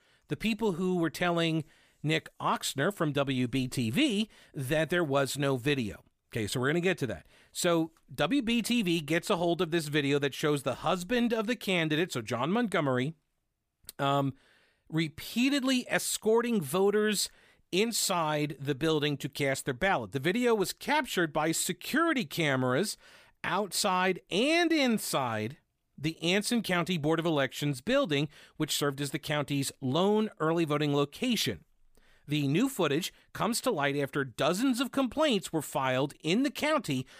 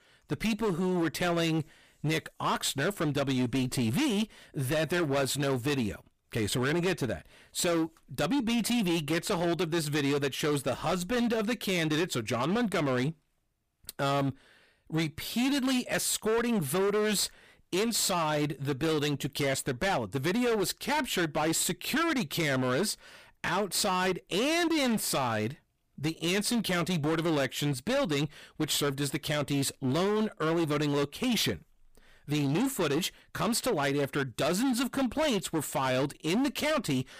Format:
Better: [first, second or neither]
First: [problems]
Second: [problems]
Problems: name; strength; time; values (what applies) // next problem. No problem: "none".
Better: first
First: none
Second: distortion; heavy; 19% of the sound clipped